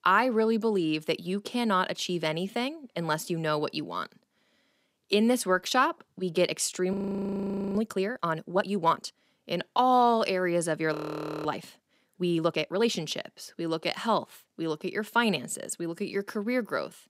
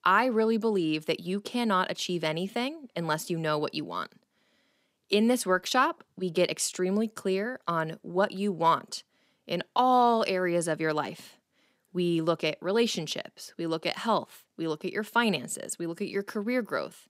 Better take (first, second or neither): second